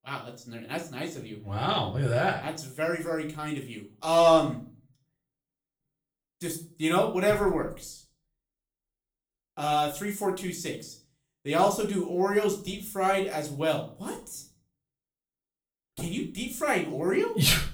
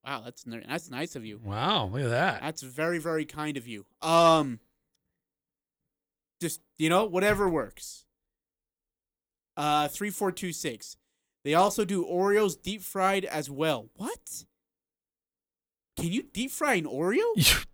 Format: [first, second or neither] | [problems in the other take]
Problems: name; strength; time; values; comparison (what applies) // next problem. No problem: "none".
second | room echo; slight; dies away in 0.3 s // off-mic speech; far